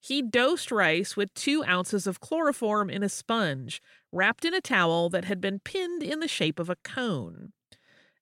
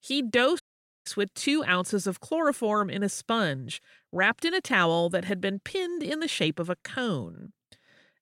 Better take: first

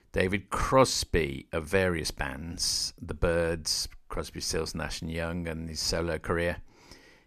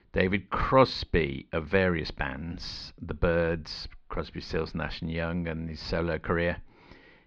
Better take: first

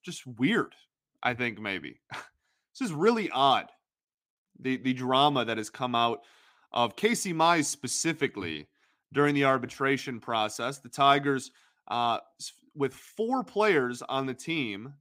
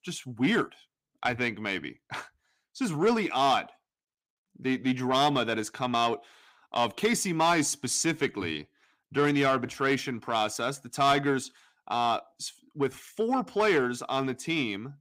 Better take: first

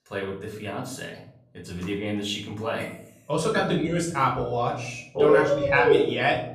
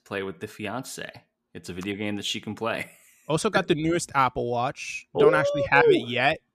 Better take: second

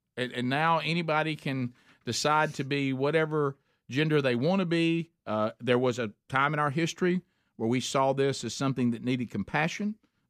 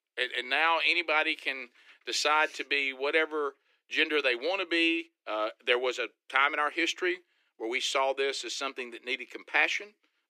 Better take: first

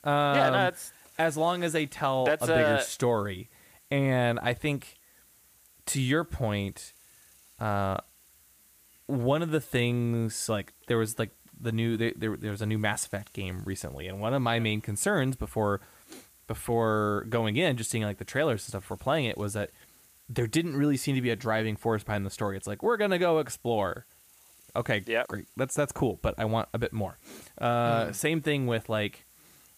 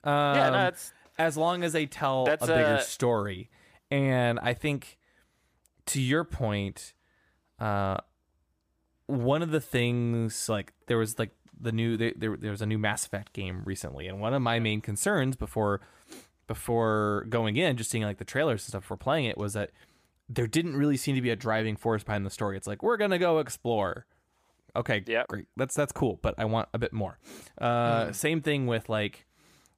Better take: second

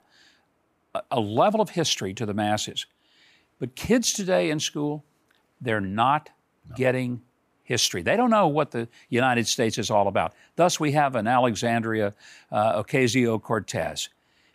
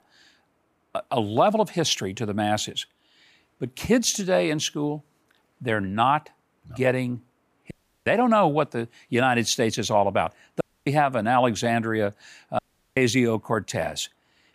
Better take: first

